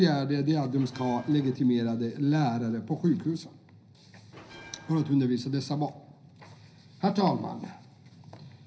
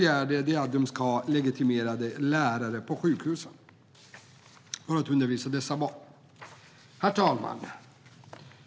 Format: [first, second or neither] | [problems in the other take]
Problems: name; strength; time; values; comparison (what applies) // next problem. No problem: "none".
second | background sound (Bell); 20 dB below the speech // room echo; dies away in 0.5 s